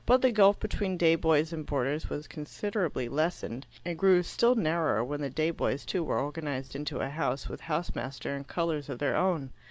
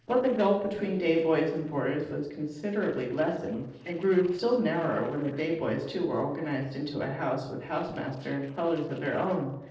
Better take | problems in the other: first | noise reduction (neural separator model SepFormer DNS4)

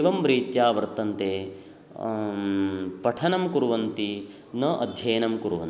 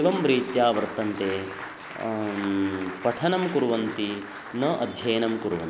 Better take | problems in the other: first | background sound (Applause); 13 dB below the speech

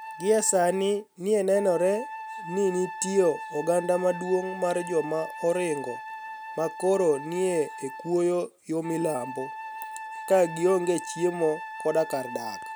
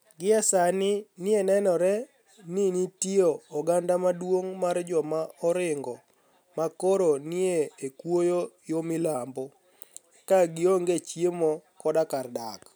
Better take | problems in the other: second | background sound (Wind instrument, woodwind instrument); 12 dB below the speech

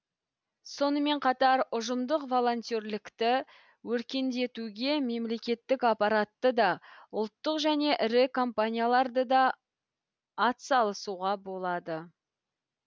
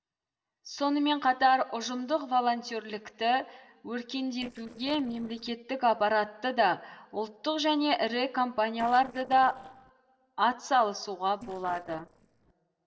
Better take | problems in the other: first | noise reduction (neural separator model SepFormer DNS4)

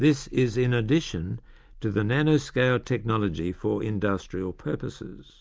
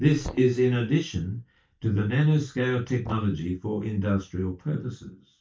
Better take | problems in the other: first | noise reduction (neural mask model DeepFilterNet 3)

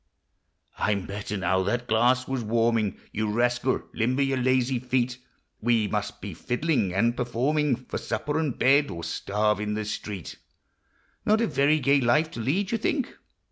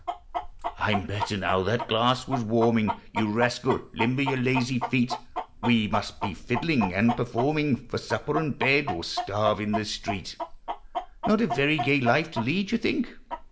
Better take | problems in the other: first | background sound (Chicken, rooster); 8 dB below the speech // room echo; dies away in 0.5 s

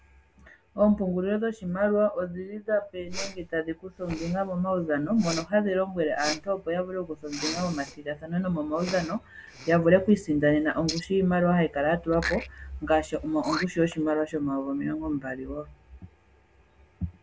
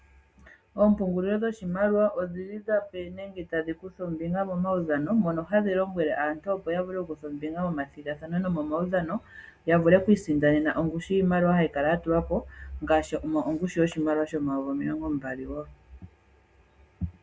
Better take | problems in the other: second | background sound (Respiratory sounds); 15 dB below the speech

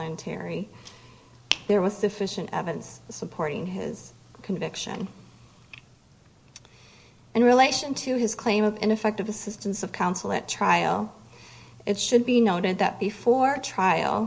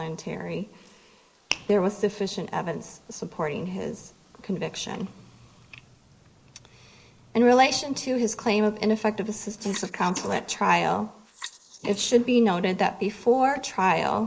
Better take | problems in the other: first | noise reduction (neural mask model Resemble Enhance denoiser)

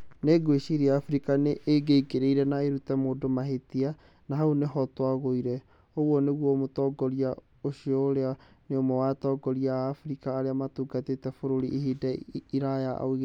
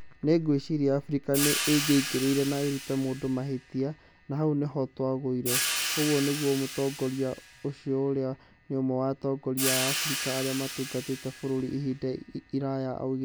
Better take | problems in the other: first | background sound (Cymbal); 7 dB below the speech

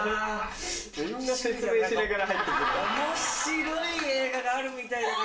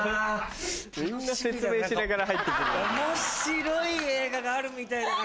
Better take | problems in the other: second | room echo; dies away in 0.4 s

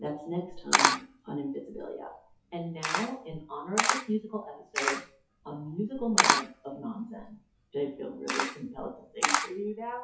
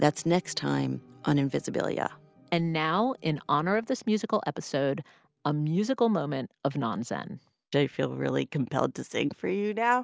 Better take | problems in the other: second | noise reduction (classical method WPE with log-MMSE)

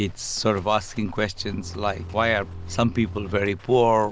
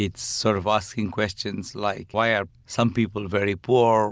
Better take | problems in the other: second | background sound (Livestock, farm animals, working animals + Bowed string instrument); 13 dB below the speech

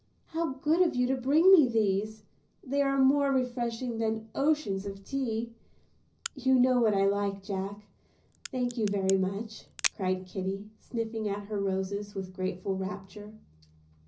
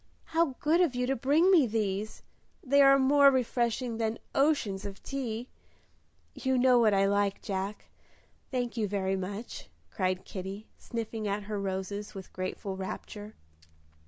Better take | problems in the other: second | background sound (Crack); 13 dB below the speech // room echo; dies away in 0.5 s

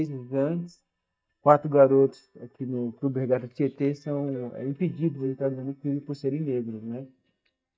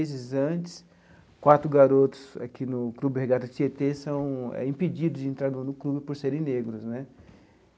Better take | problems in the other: second | noise reduction (neural mask model DeepFilterNet 3)

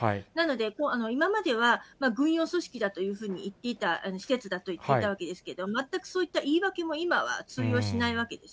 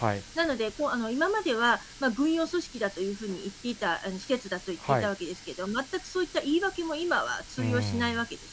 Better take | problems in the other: first | background sound (Water tap, faucet); 18 dB below the speech

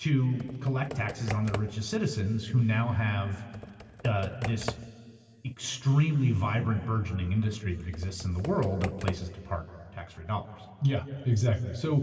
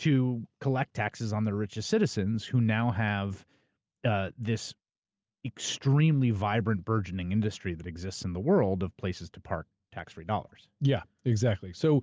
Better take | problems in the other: second | background sound (Computer keyboard); 11 dB below the speech // room echo; dies away in 2.6 s

